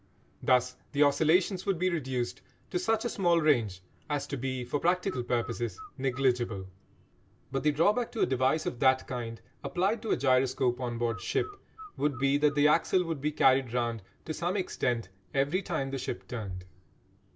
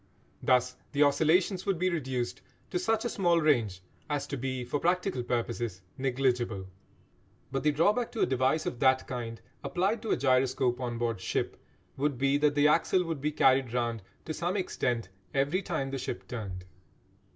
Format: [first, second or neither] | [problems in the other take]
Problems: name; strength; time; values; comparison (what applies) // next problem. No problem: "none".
second | background sound (Bird); 19 dB below the speech